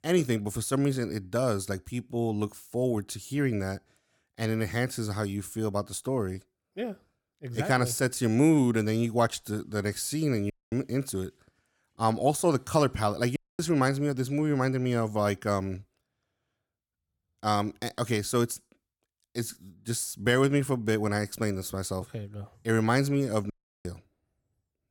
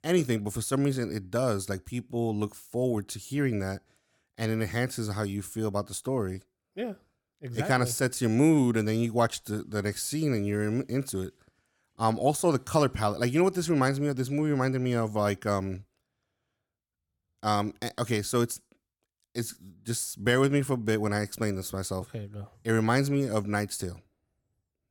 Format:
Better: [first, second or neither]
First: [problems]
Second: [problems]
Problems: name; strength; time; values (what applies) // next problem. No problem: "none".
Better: second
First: audio cutting out; at 11 s, at 13 s and at 24 s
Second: none